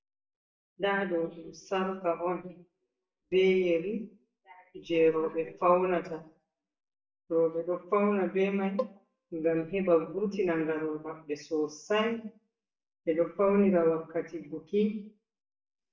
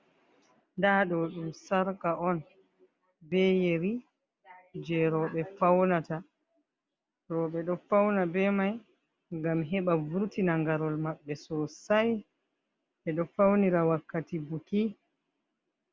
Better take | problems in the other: second | noise reduction (neural mask model DeepFilterNet 3)

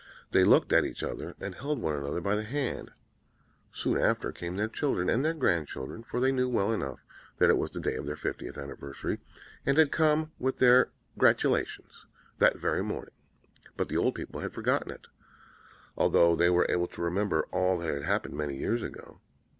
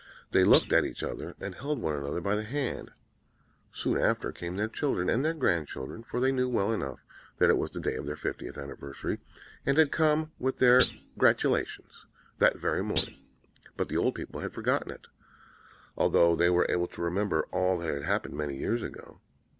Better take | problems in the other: first | background sound (Thump, thud); 11 dB below the speech

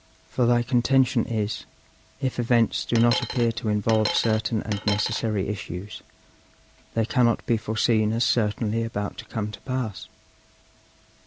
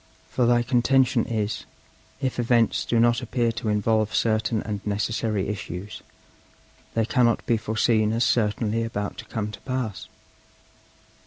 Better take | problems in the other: second | background sound (Coin (dropping)); 6 dB below the speech

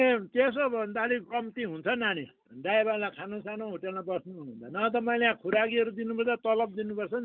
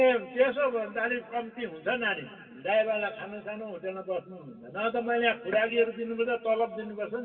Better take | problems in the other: first | room echo; dies away in 2.6 s

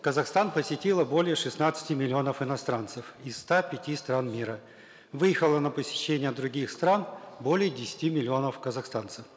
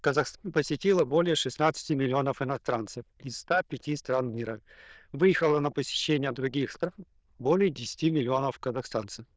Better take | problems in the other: first | noise reduction (neural diffusion model UNIVERSE++)

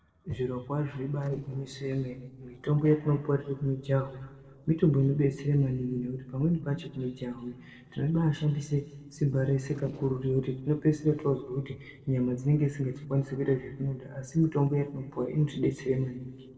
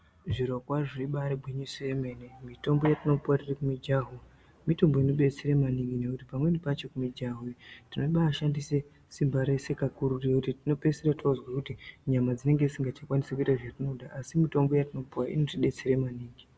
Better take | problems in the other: second | noise reduction (neural separator model SepFormer DNS4)

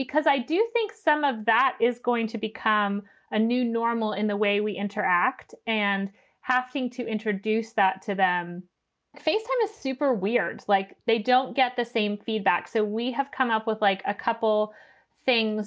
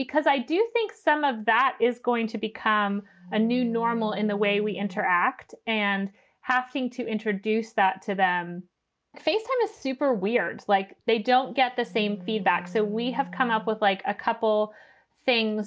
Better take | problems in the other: first | background sound (Wind instrument, woodwind instrument); 17 dB below the speech

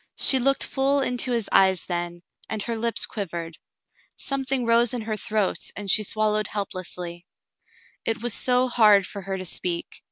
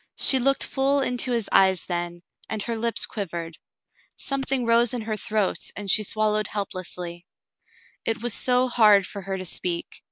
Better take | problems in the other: first | noise reduction (neural mask model Resemble Enhance denoiser)

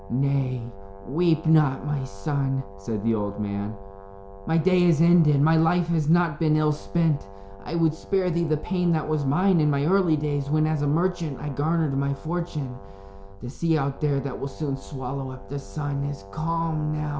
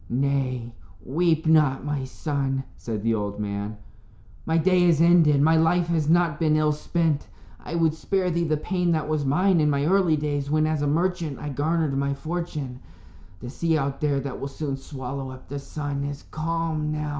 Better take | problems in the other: second | background sound (Brass instrument); 19 dB below the speech

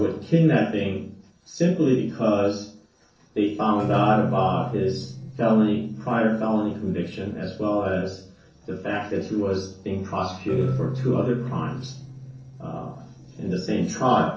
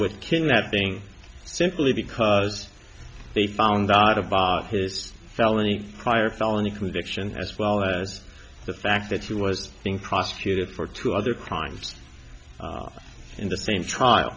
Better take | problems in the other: second | noise reduction (neural separator model SepFormer DNS4)

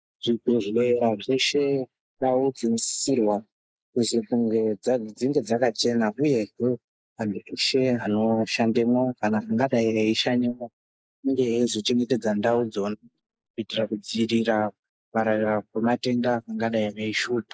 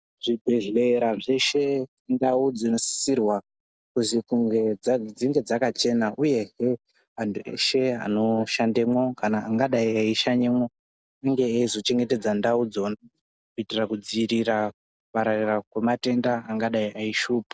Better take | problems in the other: second | noise reduction (neural mask model Resemble Enhance denoiser)

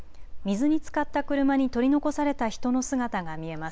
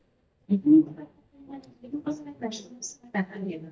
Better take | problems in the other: first | noise reduction (neural mask model DeepFilterNet 3)

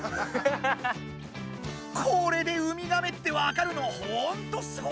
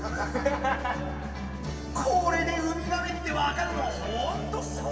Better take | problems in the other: first | background sound (Musical instrument); 9 dB below the speech // room echo; dies away in 2.4 s

